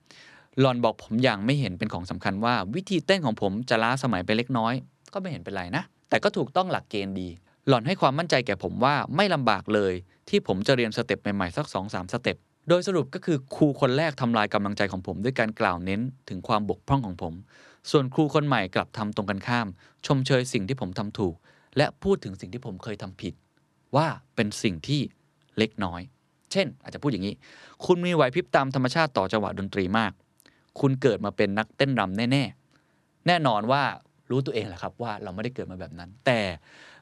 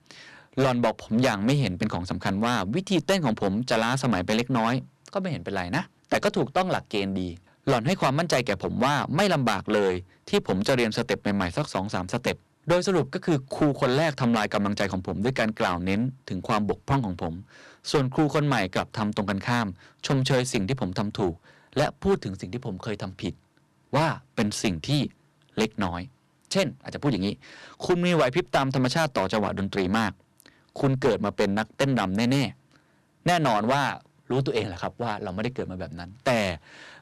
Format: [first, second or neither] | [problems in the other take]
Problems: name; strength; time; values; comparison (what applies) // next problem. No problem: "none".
first | distortion; heavy; 7% of the sound clipped